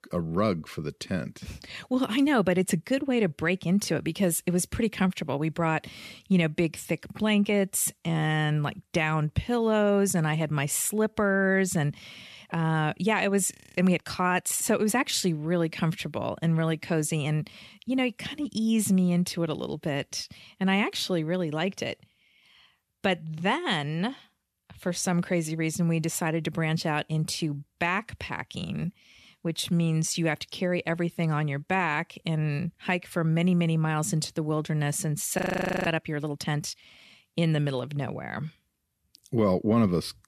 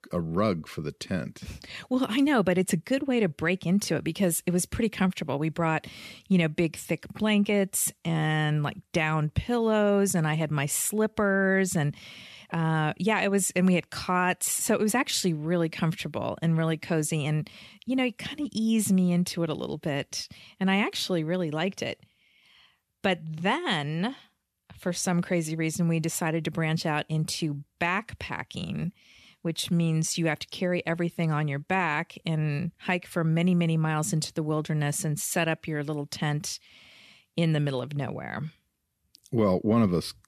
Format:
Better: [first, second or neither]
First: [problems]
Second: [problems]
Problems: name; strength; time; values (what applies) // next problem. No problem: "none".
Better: second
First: audio freezing; at 14 s and at 35 s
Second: none